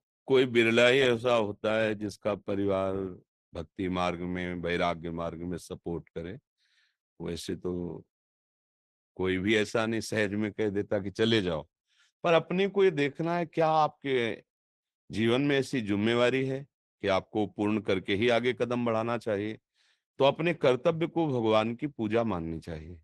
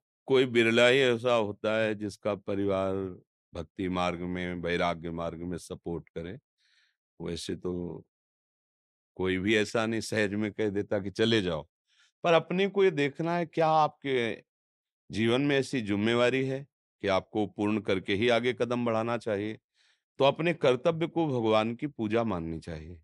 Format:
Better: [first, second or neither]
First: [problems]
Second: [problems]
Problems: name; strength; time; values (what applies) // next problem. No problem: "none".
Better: second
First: garbled, watery; slightly; nothing above 13 kHz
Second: none